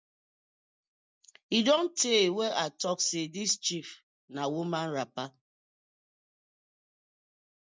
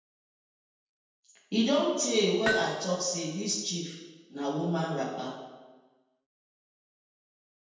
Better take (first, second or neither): first